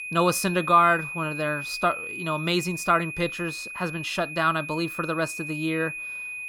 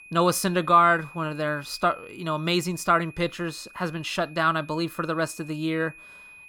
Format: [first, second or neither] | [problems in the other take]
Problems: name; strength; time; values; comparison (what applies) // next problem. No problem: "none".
second | high-pitched whine; loud; throughout; 2.5 kHz, 7 dB below the speech; faint in the second